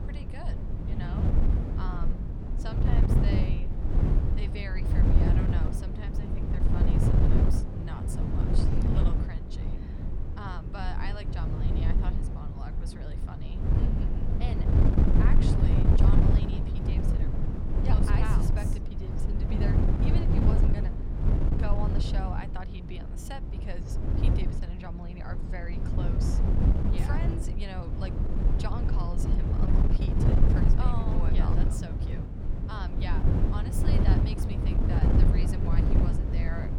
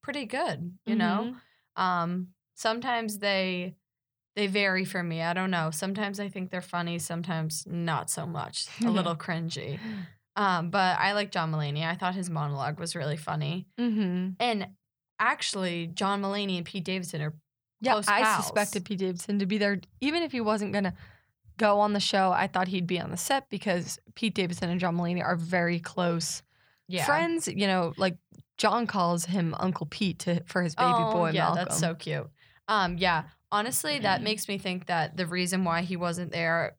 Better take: second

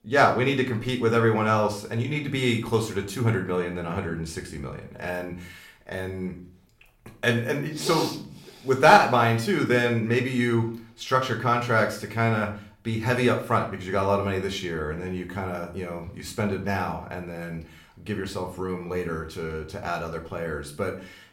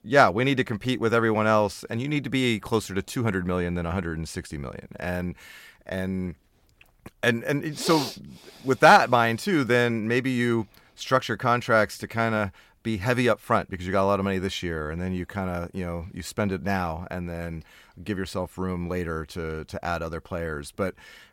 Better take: second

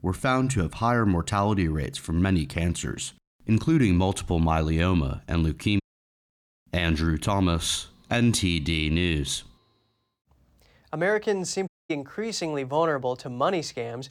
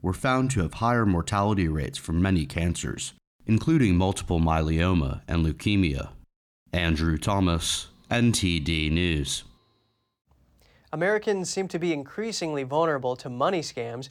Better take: second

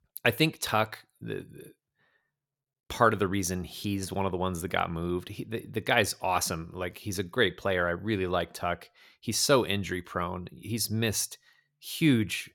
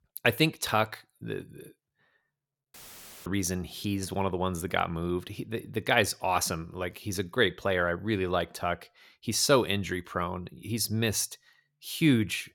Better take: first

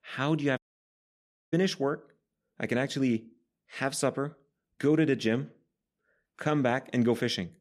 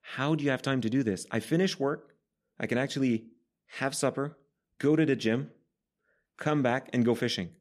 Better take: second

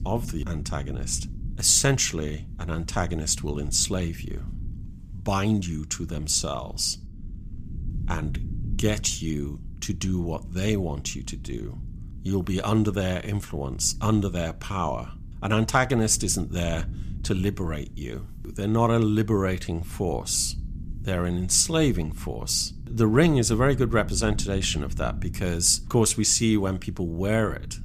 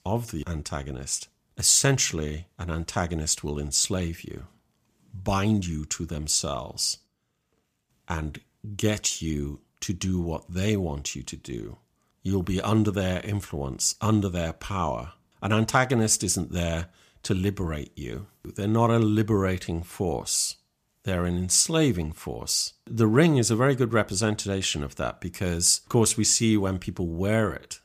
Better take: second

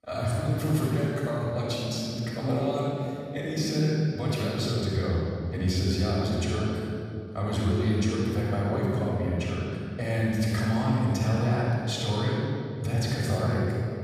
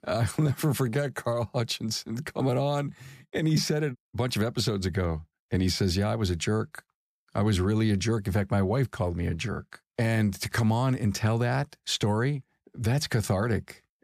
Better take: second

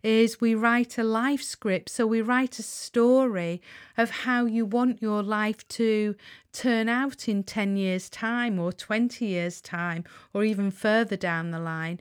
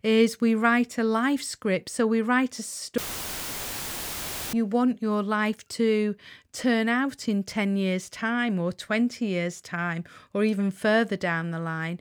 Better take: first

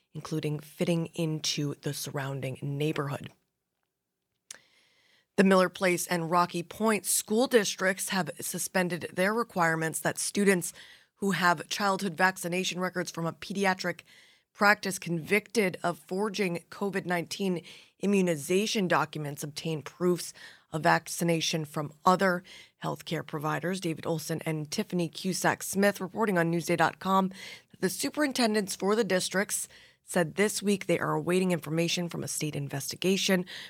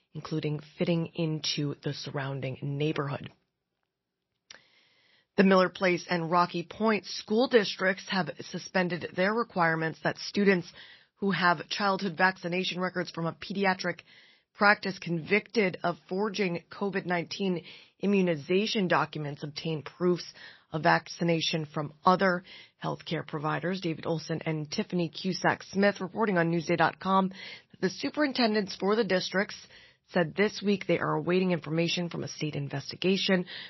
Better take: first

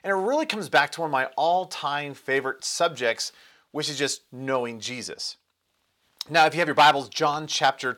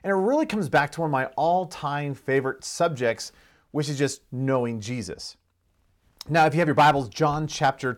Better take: second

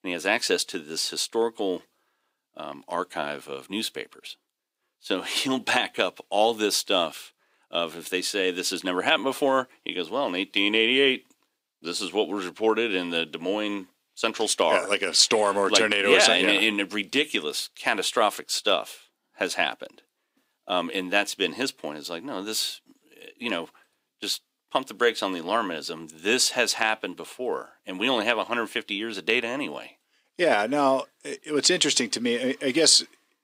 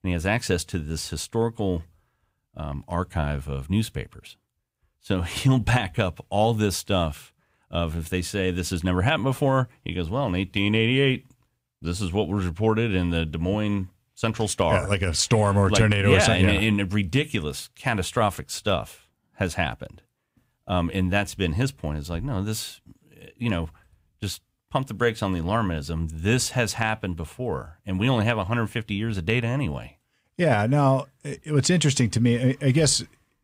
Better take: second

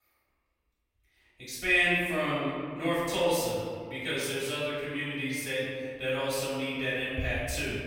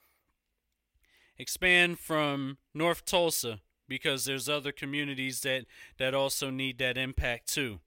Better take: second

